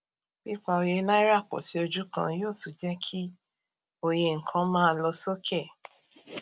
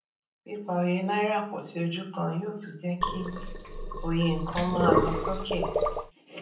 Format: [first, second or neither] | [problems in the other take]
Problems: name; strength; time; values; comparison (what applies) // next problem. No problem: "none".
first | background sound (Sink (filling or washing)); 2 dB above the speech // room echo; dies away in 0.6 s